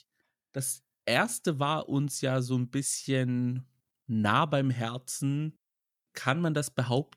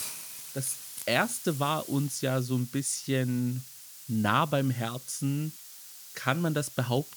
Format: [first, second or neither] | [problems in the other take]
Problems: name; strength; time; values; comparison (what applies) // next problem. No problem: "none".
first | hiss; noticeable; throughout; 10 dB below the speech